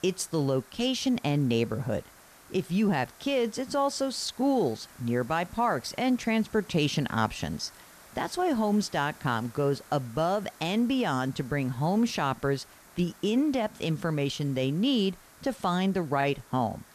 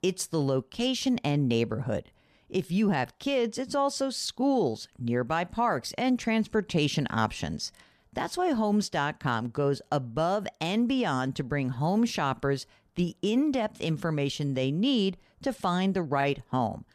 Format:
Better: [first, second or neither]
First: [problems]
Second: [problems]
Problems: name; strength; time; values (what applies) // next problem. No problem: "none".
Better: second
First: hiss; faint; throughout; 25 dB below the speech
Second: none